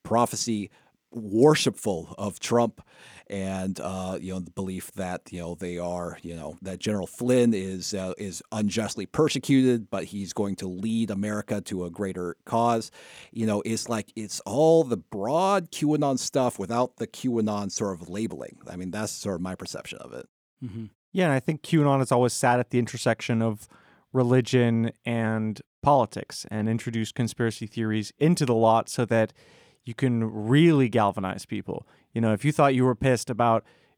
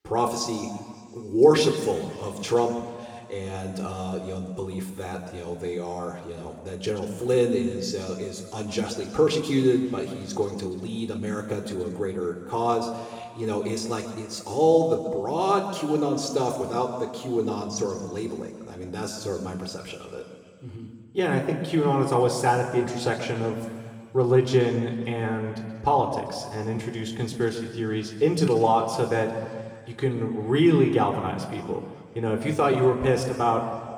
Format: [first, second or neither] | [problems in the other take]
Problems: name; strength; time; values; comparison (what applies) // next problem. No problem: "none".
first | room echo; noticeable; dies away in 1.9 s // off-mic speech; somewhat distant